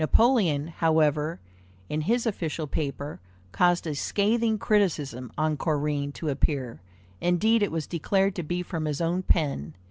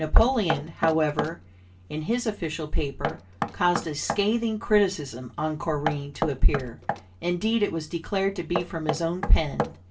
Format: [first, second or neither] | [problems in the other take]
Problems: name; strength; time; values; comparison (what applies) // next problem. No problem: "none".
first | background sound (Knock); 10 dB below the speech // room echo; dies away in 0.2 s